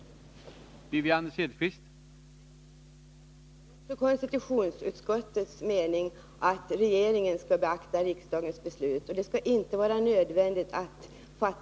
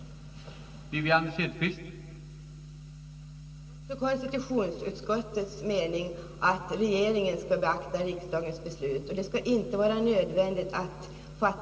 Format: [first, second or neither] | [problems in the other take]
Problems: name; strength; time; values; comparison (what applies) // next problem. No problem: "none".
first | room echo; dies away in 1.9 s